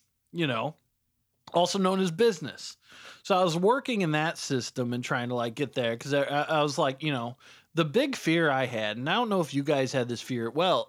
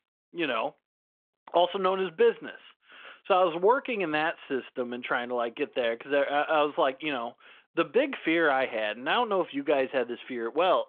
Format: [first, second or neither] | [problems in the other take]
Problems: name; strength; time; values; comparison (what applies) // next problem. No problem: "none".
first | phone-call audio; nothing above 3.5 kHz